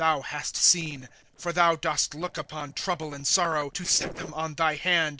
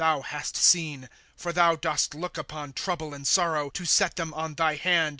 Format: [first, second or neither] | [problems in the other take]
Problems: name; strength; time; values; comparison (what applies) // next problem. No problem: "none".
second | noise reduction (neural separator model SepFormer DNS4)